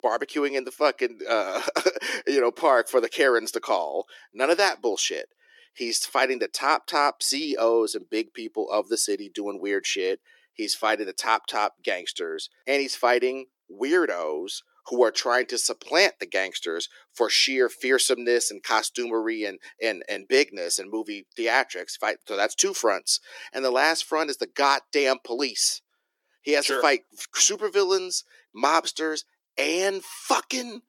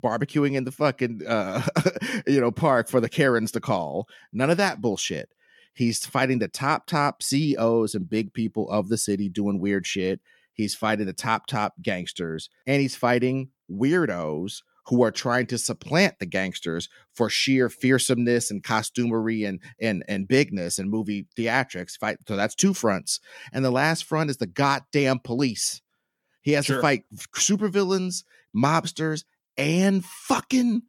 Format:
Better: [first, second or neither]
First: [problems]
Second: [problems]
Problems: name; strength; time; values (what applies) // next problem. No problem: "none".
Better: second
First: thin; very; fading below 350 Hz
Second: none